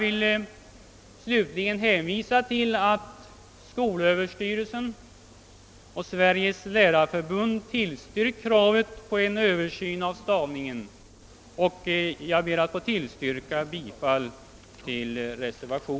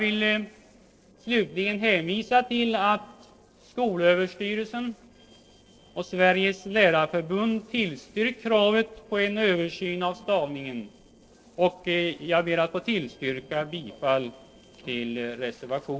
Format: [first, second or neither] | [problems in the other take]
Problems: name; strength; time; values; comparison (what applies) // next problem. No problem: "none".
first | noise reduction (neural separator model SepFormer DNS4)